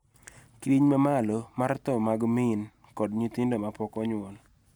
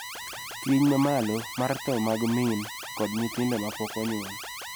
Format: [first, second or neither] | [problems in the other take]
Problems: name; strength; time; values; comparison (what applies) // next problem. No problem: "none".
first | background sound (Alarm); 10 dB below the speech